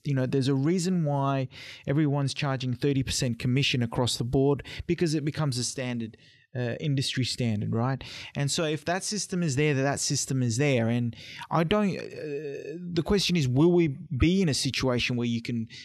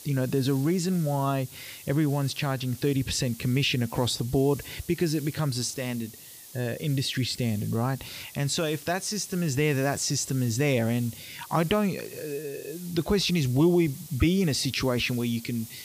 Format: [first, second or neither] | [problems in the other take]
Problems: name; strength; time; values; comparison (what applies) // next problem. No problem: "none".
first | hiss; noticeable; throughout; 15 dB below the speech